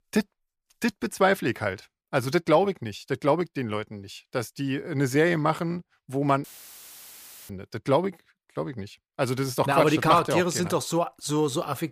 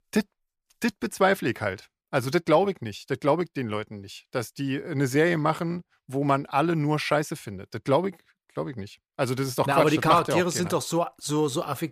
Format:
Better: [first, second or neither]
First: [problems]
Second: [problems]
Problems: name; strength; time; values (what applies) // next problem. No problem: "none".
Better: second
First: audio cutting out; filled with static; at 6.5 s for 1 s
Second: none